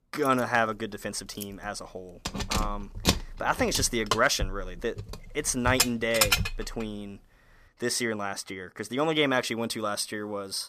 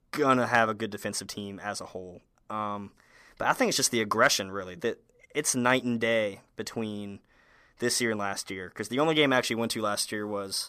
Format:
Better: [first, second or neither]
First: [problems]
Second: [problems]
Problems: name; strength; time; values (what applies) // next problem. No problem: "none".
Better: second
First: jangling keys; loud; from 1.5 to 6.5 s; peak 6 dB above the speech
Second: none